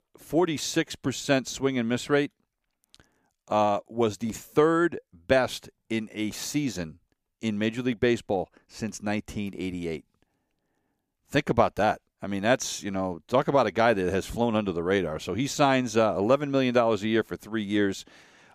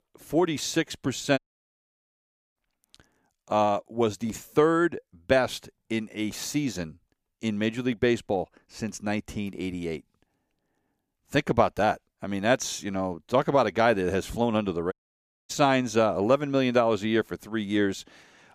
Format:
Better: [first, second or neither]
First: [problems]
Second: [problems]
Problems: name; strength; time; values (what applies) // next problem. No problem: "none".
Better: first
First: none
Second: audio cutting out; at 1.5 s for 1 s and at 15 s for 0.5 s